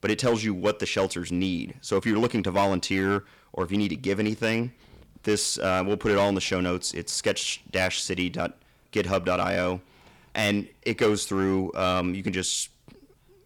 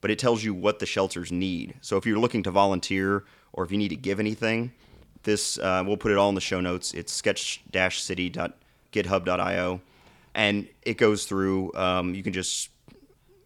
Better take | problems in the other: second | distortion; slight; 4% of the sound clipped

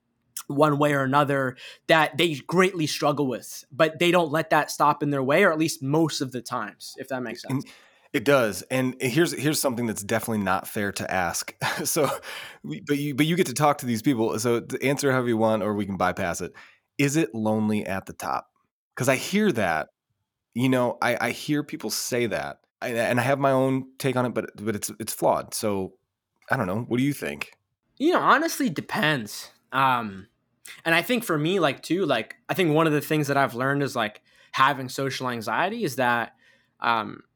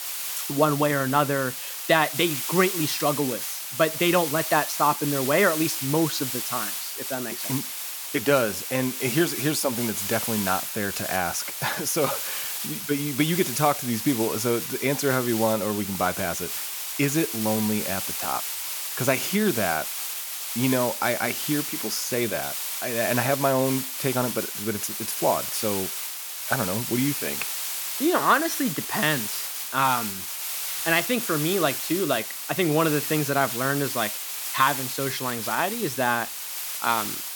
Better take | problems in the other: first | hiss; loud; throughout; 3 dB below the speech

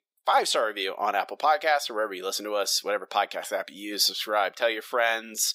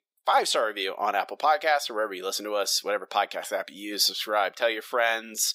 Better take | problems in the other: neither | thin; very; fading below 600 Hz; the same in both

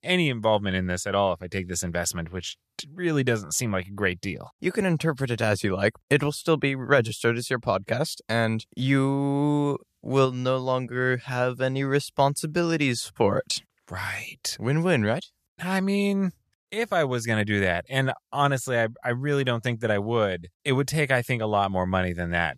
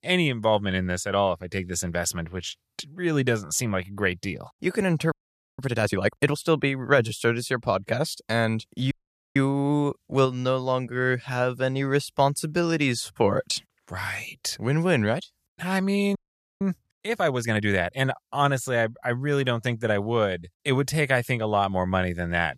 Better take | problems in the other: first | audio freezing; at 5 s, at 9 s and at 16 s

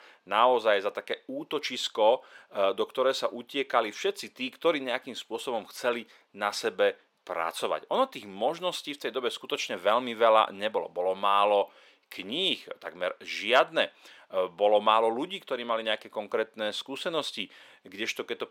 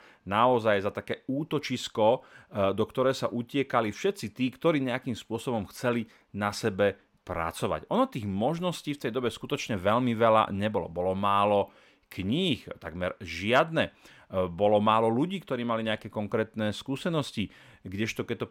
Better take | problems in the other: second | thin; somewhat; fading below 500 Hz

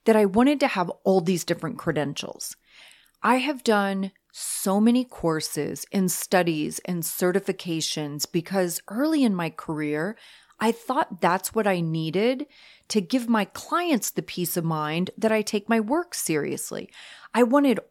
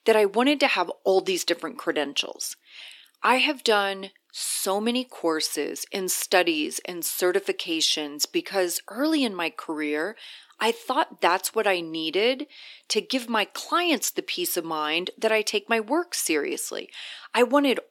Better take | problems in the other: first | thin; very slightly; fading below 300 Hz

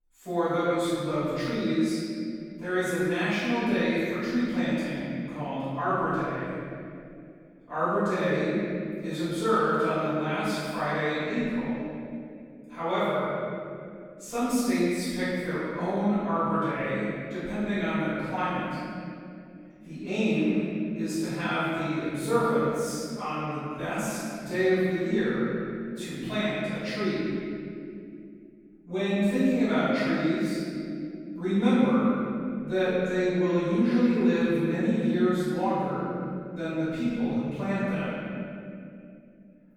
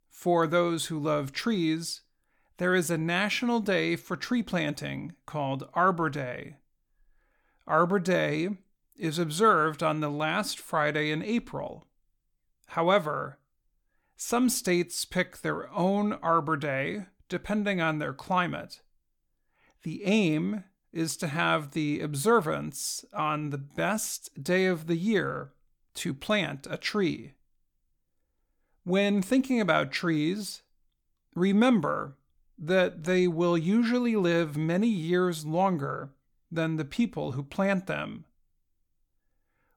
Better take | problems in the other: second | off-mic speech; far // room echo; strong; dies away in 2.6 s

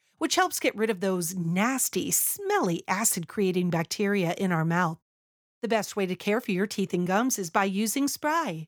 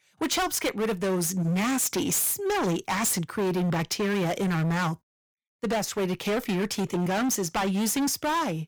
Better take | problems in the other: first | distortion; heavy; 25% of the sound clipped

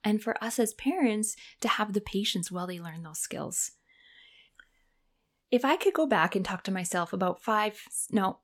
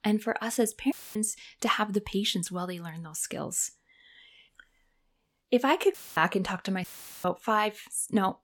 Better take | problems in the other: first | audio cutting out; filled with static; at 1 s, at 6 s and at 7 s

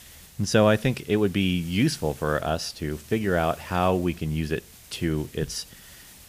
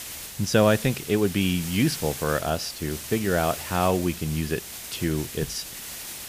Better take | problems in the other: first | hiss; loud; throughout; 9 dB below the speech; faint in the first

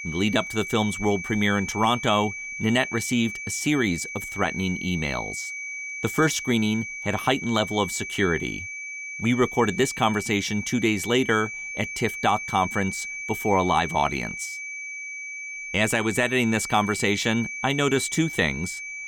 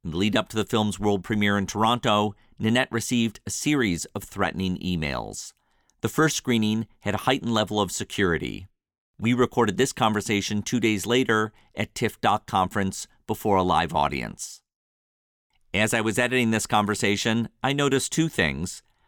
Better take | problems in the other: second | high-pitched whine; loud; throughout; 2.5 kHz, 8 dB below the speech

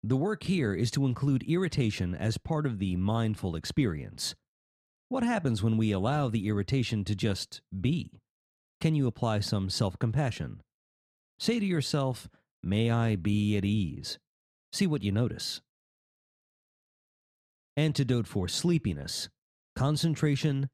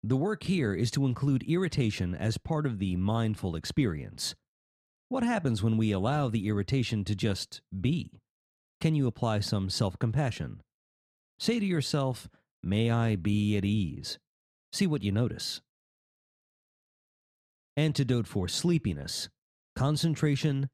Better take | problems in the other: neither | none

